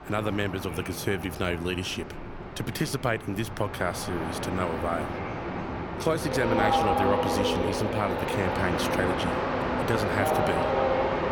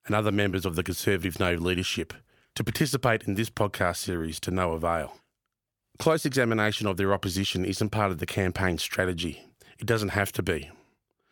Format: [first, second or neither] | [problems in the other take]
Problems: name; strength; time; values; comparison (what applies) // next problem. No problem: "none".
second | train or aircraft noise; very loud; throughout; 2 dB above the speech